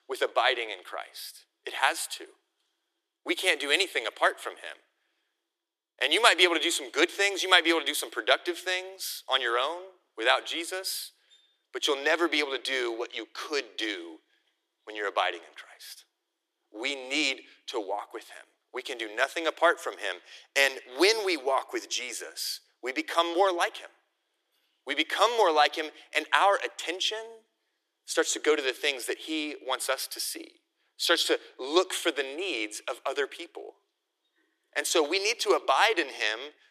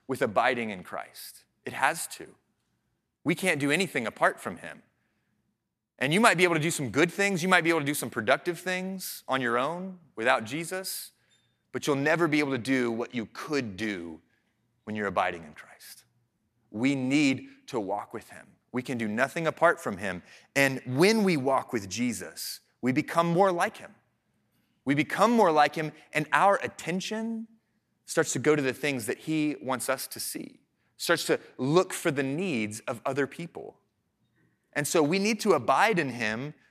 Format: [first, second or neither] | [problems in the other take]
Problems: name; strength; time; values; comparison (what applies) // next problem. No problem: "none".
second | thin; very; fading below 300 Hz